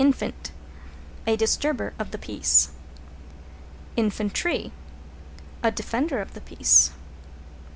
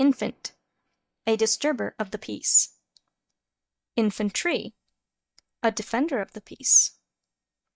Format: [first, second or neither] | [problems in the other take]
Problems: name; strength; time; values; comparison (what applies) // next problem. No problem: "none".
first | noise reduction (neural mask model DeepFilterNet 3)